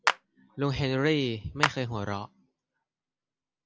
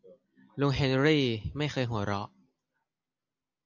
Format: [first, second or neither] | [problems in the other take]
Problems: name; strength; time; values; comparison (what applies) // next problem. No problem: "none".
second | background sound (Clapping); 3 dB below the speech